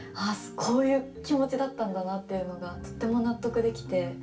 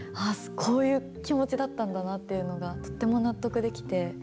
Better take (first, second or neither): second